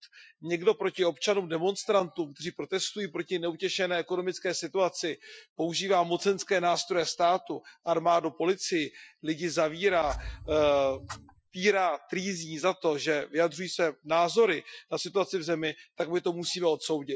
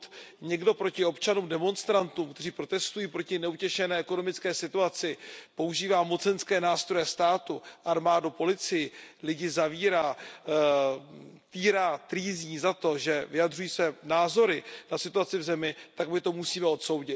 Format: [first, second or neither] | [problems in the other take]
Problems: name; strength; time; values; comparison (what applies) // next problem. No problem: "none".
second | noise reduction (classical method Wiener filter)